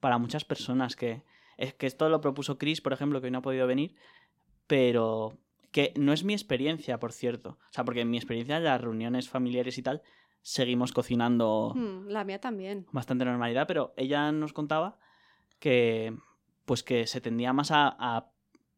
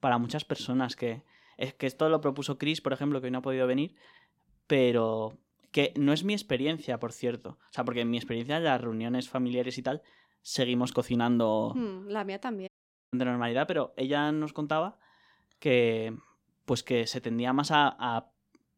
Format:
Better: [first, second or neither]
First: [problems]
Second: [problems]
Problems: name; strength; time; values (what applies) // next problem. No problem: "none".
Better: first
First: none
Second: audio cutting out; at 13 s